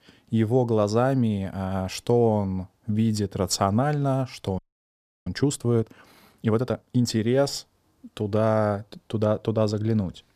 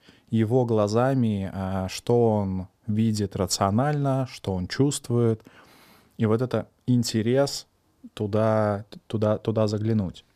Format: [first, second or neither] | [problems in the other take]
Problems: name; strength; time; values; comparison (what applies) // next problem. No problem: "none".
second | audio freezing; at 4.5 s for 0.5 s